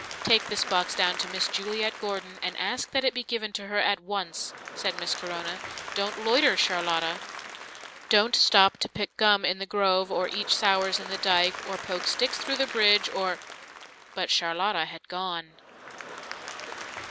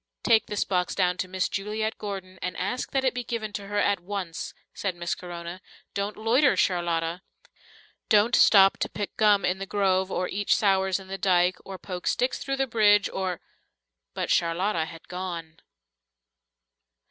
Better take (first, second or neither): second